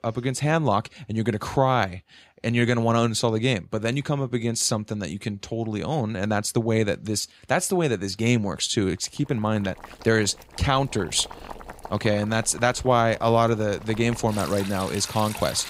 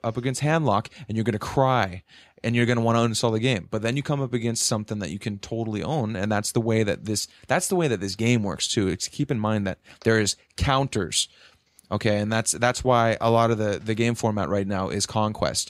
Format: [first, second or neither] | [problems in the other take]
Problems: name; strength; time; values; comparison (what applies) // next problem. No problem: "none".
second | household noises; noticeable; from 9.5 s on; 15 dB below the speech